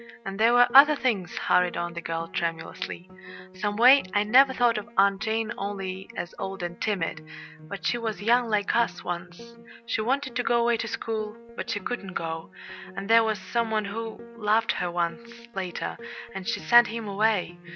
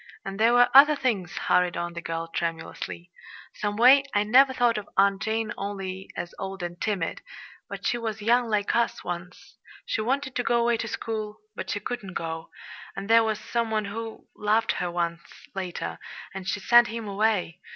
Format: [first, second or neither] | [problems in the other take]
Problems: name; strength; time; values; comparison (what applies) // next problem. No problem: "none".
second | background sound (Piano); 19 dB below the speech